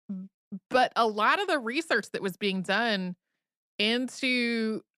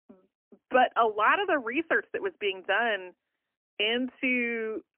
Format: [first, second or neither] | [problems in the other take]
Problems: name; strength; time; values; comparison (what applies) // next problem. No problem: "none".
first | phone-call audio; poor line; nothing above 3 kHz